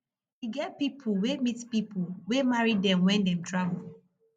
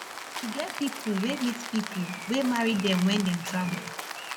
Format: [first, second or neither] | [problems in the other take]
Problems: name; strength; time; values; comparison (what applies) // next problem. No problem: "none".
first | background sound (Rain); 8 dB below the speech